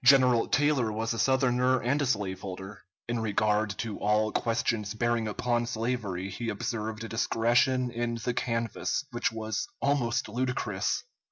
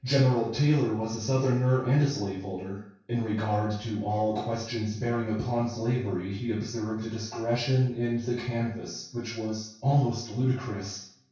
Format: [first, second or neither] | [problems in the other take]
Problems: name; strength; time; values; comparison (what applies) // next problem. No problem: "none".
first | room echo; dies away in 0.6 s